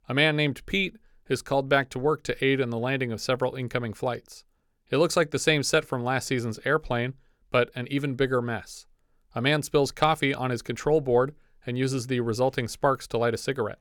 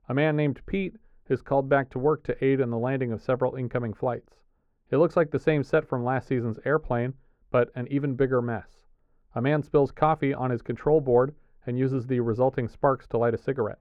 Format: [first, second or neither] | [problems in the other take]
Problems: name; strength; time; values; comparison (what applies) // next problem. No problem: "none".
first | muffled; very; fading above 3 kHz